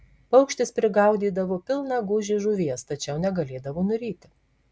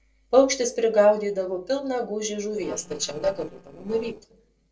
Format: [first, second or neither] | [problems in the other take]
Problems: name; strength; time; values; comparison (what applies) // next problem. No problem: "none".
first | noise reduction (neural separator model SepFormer DNS4)